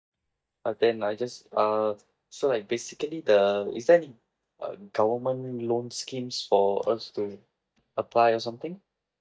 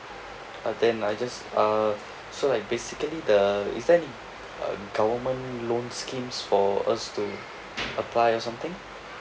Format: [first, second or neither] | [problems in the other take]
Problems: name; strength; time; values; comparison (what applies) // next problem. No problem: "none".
second | noise reduction (neural mask model DeepFilterNet 3)